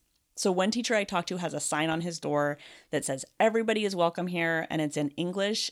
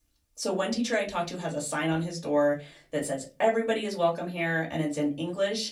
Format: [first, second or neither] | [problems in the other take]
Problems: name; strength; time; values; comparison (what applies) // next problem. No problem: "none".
first | off-mic speech; far // room echo; very slight; dies away in 0.2 s